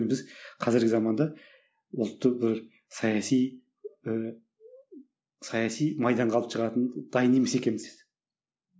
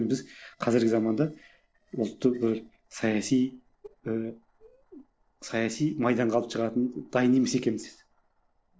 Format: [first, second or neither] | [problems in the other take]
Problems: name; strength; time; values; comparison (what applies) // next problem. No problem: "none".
first | noise reduction (neural separator model SepFormer DNS4)